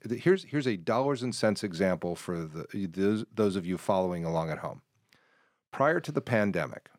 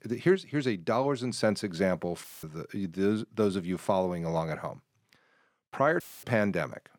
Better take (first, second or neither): first